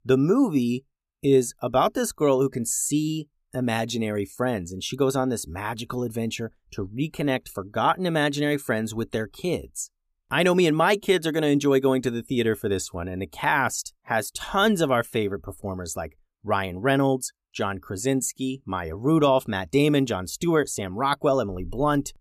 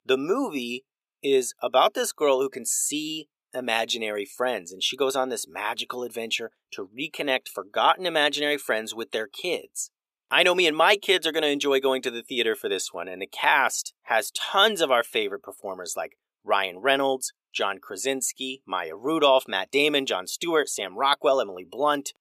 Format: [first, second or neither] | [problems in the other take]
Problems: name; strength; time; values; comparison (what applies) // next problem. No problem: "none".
first | thin; somewhat; fading below 500 Hz